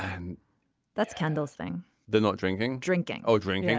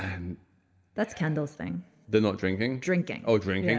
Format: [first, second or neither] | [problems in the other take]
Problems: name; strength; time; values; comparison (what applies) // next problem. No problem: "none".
first | room echo; dies away in 1.3 s